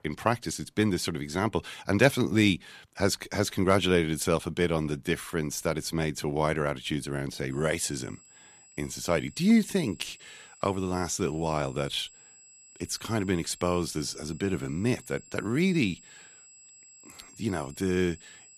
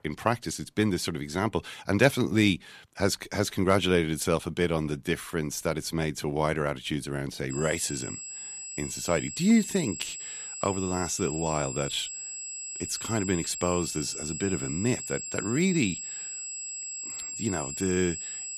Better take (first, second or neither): first